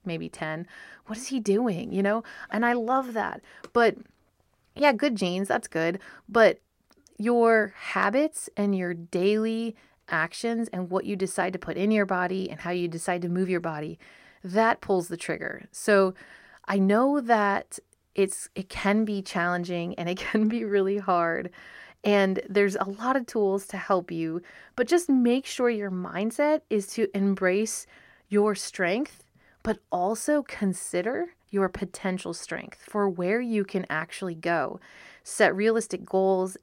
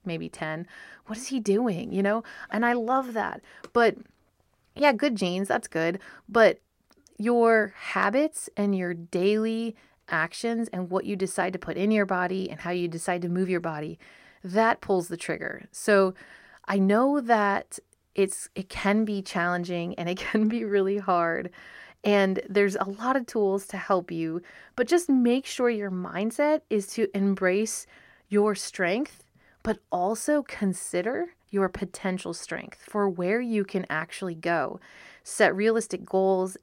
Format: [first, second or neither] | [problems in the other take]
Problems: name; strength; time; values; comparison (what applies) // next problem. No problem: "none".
neither | none